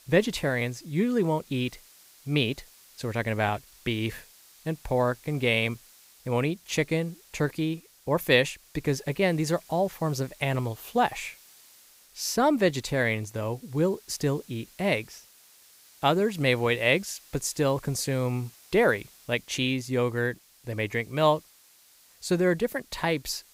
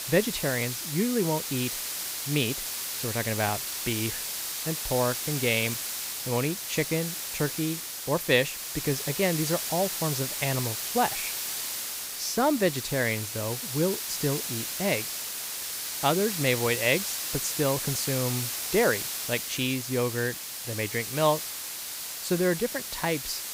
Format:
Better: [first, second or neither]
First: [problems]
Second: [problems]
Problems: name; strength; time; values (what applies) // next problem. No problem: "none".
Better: first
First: hiss; faint; throughout; 25 dB below the speech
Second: hiss; loud; throughout; 2 dB below the speech